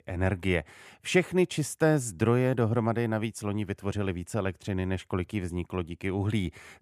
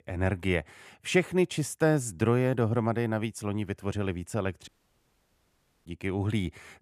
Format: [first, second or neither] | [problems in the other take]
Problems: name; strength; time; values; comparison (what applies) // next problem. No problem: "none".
first | audio cutting out; at 4.5 s for 1 s